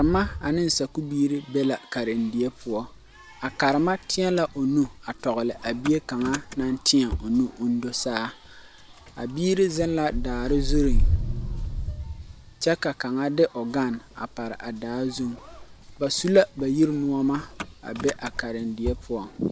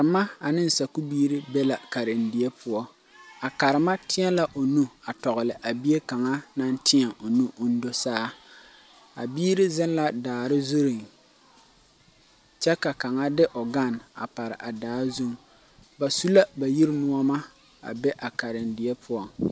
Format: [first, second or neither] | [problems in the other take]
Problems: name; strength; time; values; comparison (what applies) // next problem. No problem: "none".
second | background sound (Engine starting / Motor vehicle (road)); 6 dB below the speech